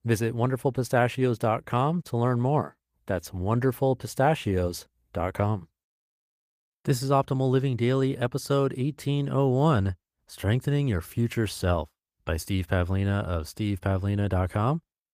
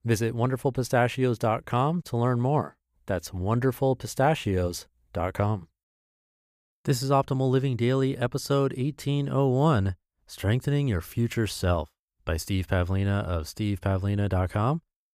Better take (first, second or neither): second